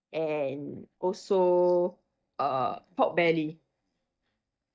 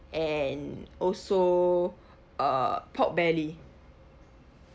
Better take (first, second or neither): second